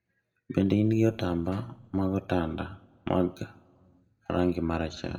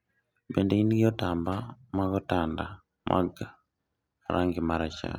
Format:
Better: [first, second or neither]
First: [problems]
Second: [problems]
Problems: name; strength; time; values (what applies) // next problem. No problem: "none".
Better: second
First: room echo; dies away in 0.6 s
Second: none